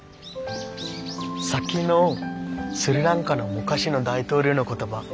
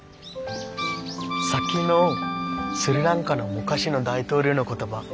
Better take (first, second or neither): first